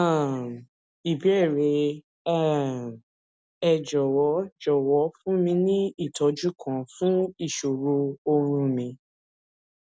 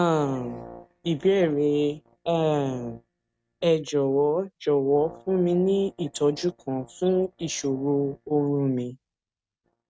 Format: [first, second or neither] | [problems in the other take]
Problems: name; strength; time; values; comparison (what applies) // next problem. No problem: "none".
first | noise reduction (neural mask model RNNoise)